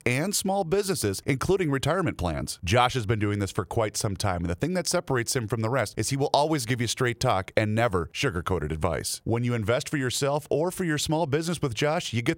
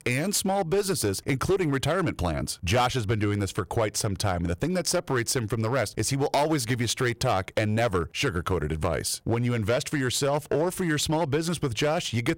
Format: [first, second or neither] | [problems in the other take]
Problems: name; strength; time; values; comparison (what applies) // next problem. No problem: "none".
first | distortion; slight; 7% of the sound clipped